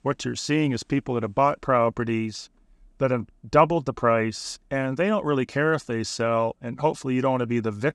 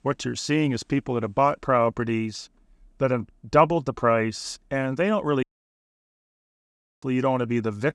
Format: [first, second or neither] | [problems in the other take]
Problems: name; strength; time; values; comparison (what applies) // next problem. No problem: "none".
first | audio cutting out; at 5.5 s for 1.5 s